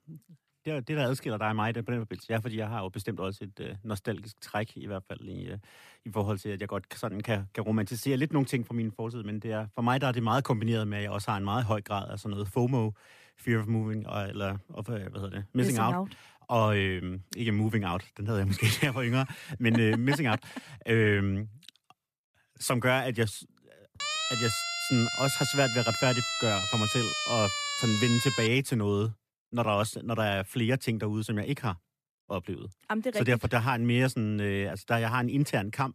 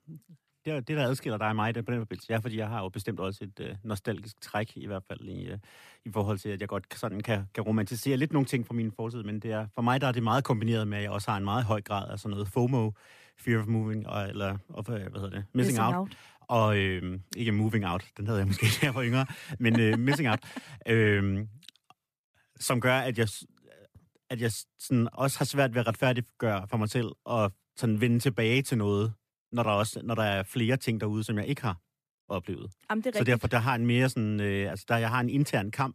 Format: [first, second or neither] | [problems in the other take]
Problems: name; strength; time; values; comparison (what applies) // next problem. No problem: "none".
second | siren; loud; from 24 to 28 s; peak 1 dB above the speech